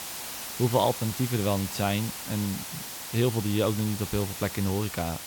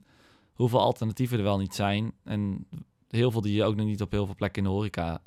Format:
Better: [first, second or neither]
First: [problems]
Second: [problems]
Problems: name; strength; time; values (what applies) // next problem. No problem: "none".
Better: second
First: hiss; loud; throughout; 7 dB below the speech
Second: none